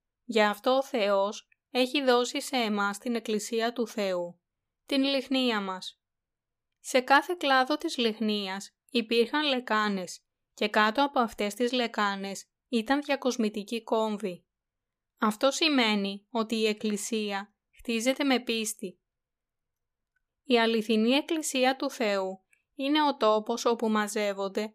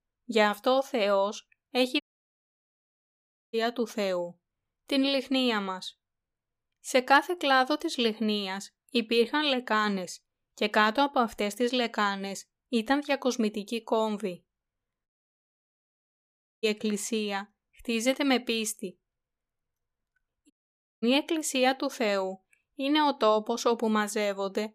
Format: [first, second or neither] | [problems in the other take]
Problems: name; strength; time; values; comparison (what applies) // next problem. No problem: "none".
first | audio cutting out; at 2 s for 1.5 s, at 15 s for 1.5 s and at 21 s for 0.5 s